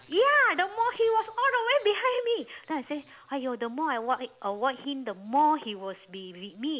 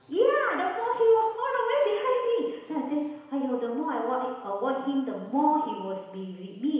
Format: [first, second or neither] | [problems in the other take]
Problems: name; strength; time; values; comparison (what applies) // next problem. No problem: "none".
first | room echo; dies away in 1 s